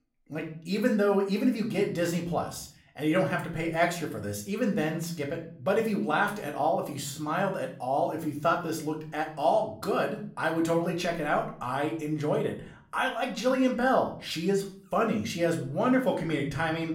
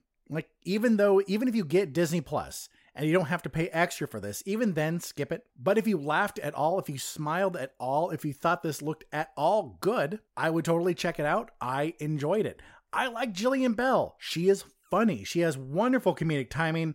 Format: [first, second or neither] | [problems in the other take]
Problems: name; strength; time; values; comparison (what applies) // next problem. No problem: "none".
second | room echo; slight; dies away in 0.4 s // off-mic speech; somewhat distant